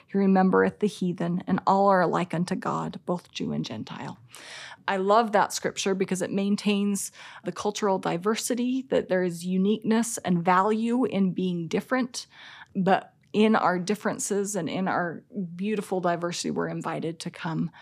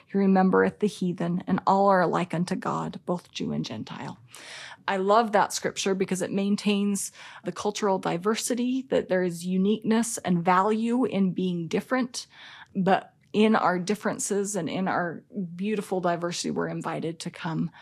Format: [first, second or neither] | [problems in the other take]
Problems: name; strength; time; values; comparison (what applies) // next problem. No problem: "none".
first | garbled, watery; slightly; nothing above 12.5 kHz